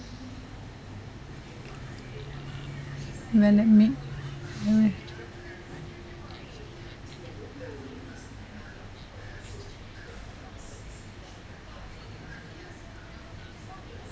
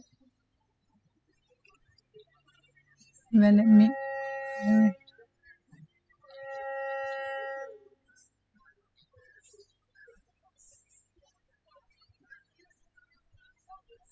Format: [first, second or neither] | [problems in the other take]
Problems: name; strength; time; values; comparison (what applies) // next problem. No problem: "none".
first | noise reduction (classical method spectral subtraction)